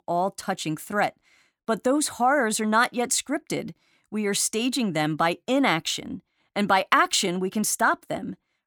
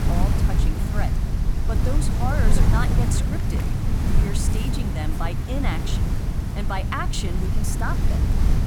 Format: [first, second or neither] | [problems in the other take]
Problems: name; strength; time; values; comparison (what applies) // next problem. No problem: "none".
first | wind noise on the microphone; heavy; 2 dB below the speech